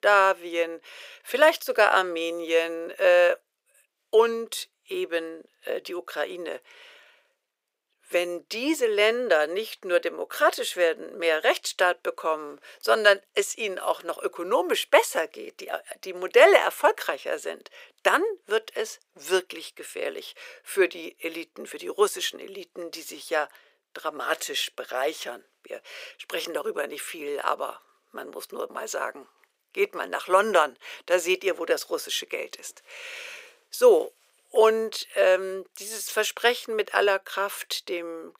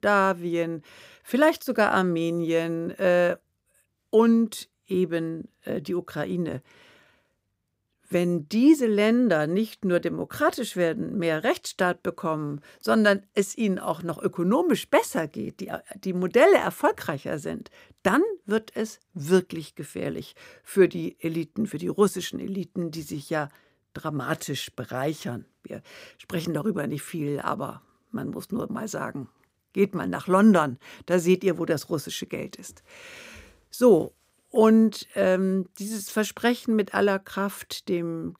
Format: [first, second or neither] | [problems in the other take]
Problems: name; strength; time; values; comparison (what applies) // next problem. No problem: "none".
second | thin; very; fading below 450 Hz